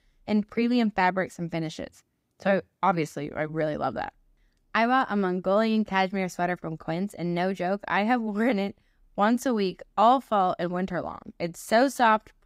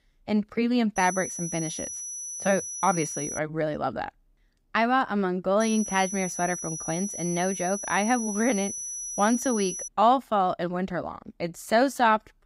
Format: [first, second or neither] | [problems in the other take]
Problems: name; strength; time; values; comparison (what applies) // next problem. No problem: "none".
first | high-pitched whine; loud; from 1 to 3.5 s and from 5.5 to 10 s; 6 kHz, 6 dB below the speech